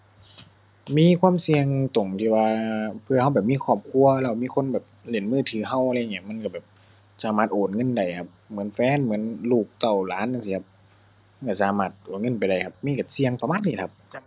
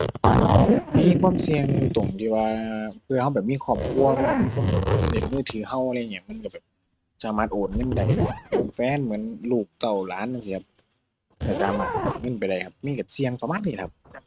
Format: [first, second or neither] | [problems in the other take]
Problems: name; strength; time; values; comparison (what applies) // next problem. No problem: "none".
first | noise reduction (neural mask model RNNoise)